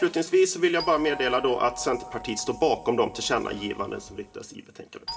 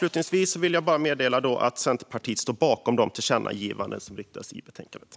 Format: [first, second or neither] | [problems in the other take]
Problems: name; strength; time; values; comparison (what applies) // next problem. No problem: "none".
second | background sound (Doorbell); 16 dB below the speech // room echo; dies away in 1.9 s